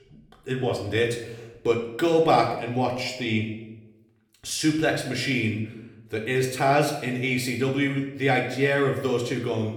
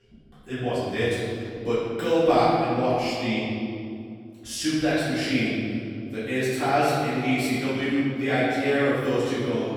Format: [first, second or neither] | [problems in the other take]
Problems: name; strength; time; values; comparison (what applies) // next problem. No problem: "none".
first | room echo; strong; dies away in 2.3 s; slight in the first // off-mic speech; far; somewhat distant in the first